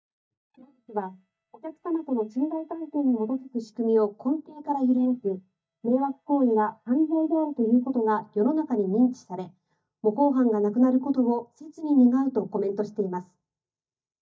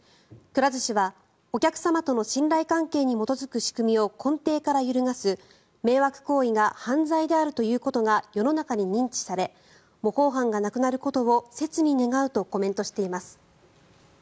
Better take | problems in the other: second | noise reduction (neural mask model DeepFilterNet 3)

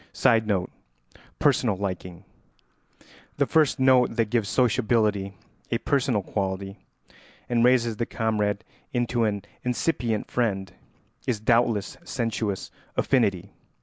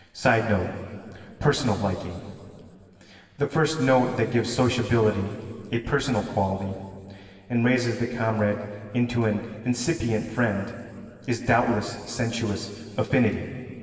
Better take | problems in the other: first | room echo; dies away in 2.9 s

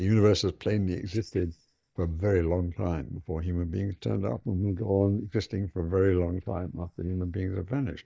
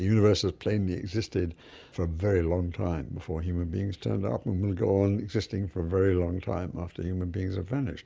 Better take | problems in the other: second | noise reduction (neural mask model DeepFilterNet 3)

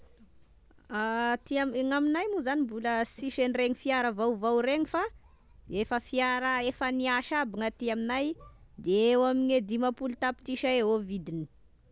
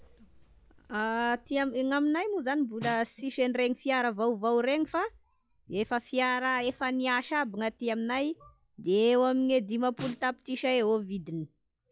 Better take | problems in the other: first | noise reduction (classical method log-MMSE)

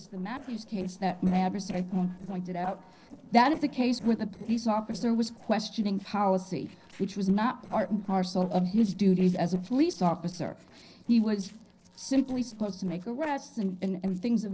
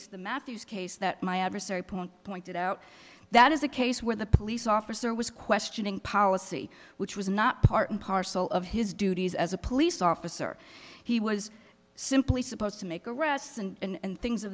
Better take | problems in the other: second | noise reduction (neural separator model SepFormer DNS4)

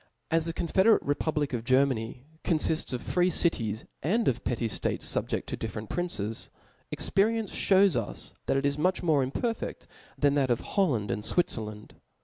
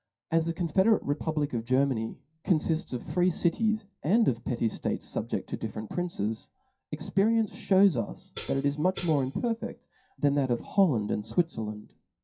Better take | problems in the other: first | noise reduction (classical method WPE with log-MMSE)

